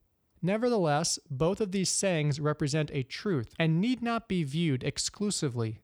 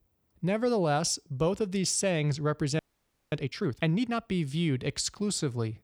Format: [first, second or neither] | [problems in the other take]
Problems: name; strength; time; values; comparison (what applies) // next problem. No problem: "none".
first | audio freezing; at 3 s for 0.5 s